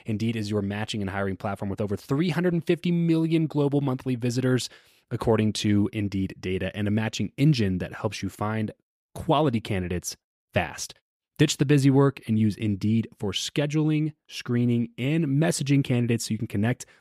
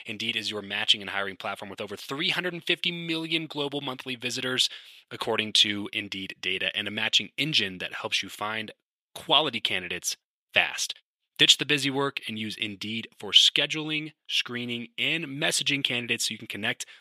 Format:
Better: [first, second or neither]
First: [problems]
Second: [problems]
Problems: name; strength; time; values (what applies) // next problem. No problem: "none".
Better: first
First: none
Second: thin; somewhat; fading below 1 kHz